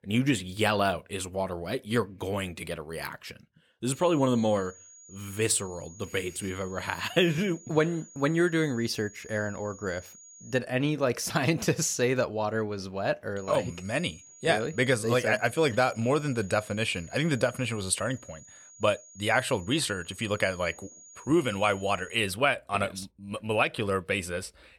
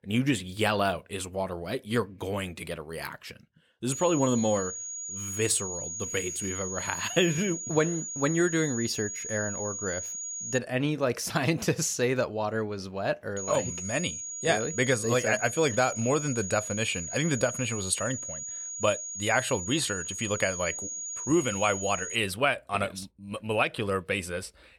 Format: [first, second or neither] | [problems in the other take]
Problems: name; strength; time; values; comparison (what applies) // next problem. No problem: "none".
first | high-pitched whine; loud; from 4 to 11 s and from 13 to 22 s; 6.5 kHz, 5 dB below the speech; faint in the first